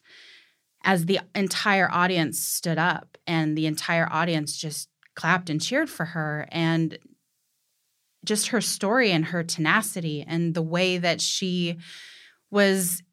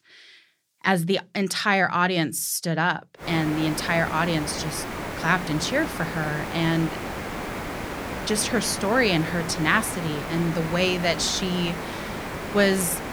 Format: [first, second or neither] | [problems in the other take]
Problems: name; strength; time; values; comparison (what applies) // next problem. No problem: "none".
first | hiss; loud; from 3 s on; 8 dB below the speech